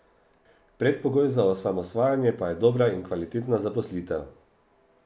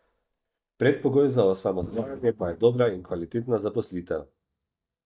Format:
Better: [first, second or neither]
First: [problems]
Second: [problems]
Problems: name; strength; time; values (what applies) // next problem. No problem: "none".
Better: first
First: none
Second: noise reduction (neural mask model DeepFilterNet 3)